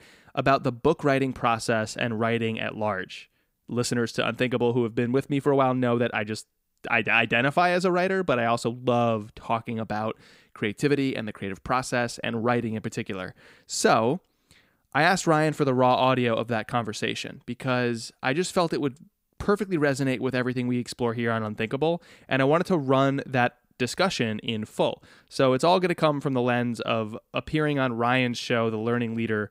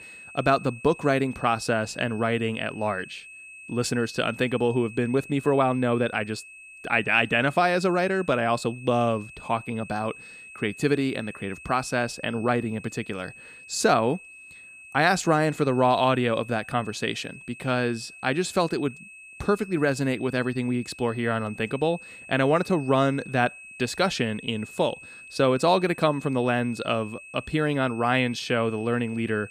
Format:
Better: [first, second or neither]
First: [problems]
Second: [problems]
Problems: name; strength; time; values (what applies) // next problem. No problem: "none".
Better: first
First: none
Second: high-pitched whine; noticeable; throughout; 2.5 kHz, 15 dB below the speech